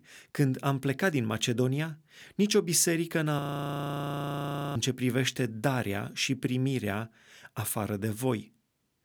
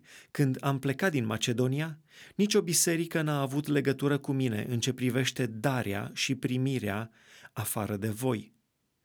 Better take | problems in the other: second | audio freezing; at 3.5 s for 1.5 s

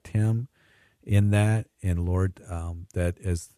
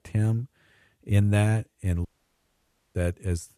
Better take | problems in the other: first | audio cutting out; at 2 s for 1 s

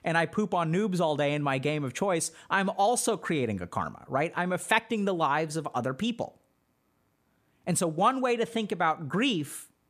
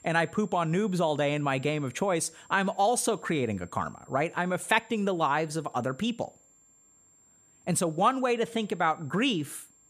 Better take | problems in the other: first | high-pitched whine; faint; throughout; 7.5 kHz, 30 dB below the speech

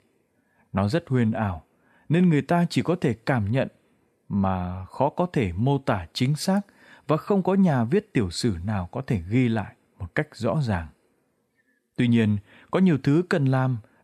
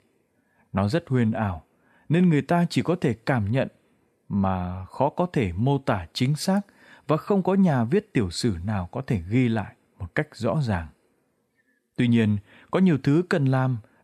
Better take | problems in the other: neither | none

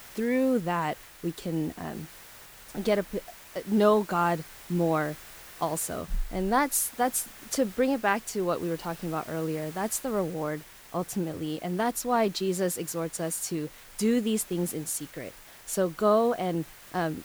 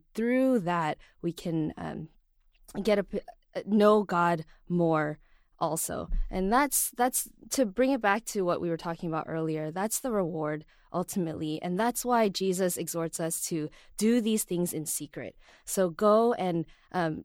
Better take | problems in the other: second | hiss; noticeable; throughout; 20 dB below the speech

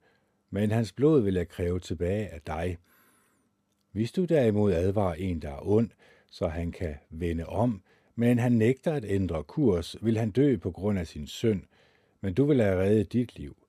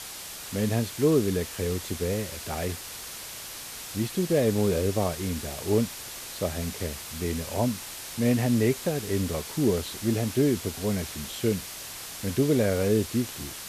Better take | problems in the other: first | hiss; loud; throughout; 9 dB below the speech

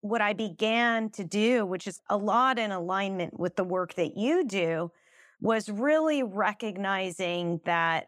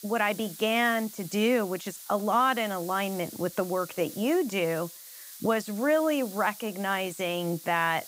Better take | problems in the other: first | hiss; noticeable; throughout; 15 dB below the speech

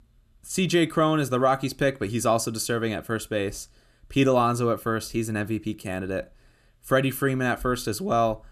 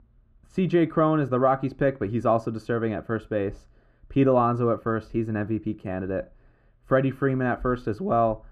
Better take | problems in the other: first | muffled; very; fading above 3.5 kHz

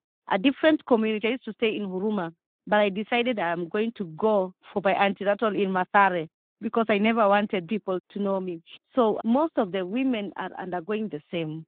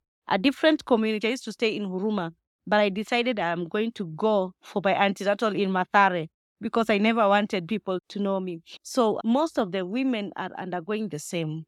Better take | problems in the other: second | phone-call audio

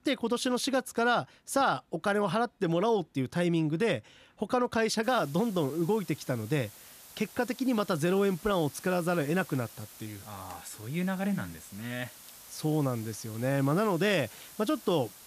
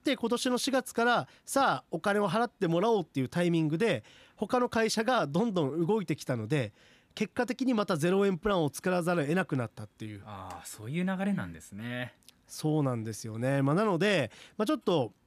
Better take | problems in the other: second | hiss; noticeable; from 5 s on; 20 dB below the speech

